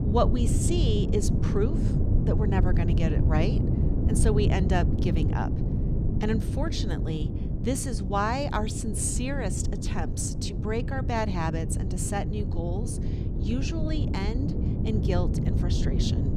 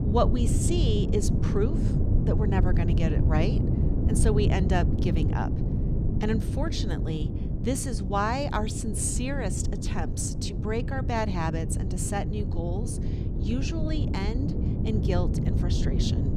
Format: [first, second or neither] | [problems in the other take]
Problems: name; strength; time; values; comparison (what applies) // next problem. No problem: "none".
neither | low rumble; loud; throughout; 5 dB below the speech; the same in both